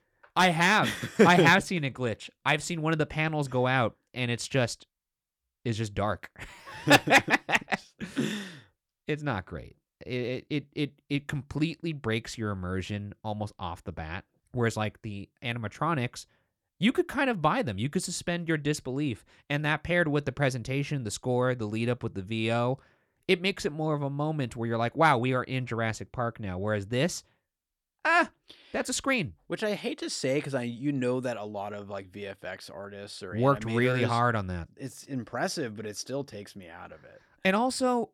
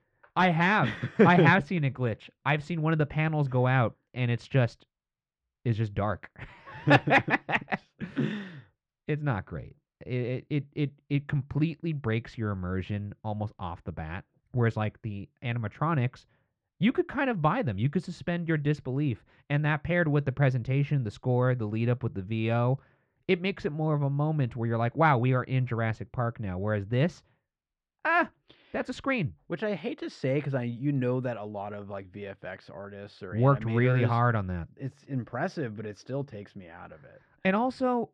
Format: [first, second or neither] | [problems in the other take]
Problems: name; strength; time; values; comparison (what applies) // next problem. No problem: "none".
first | muffled; slightly; fading above 2.5 kHz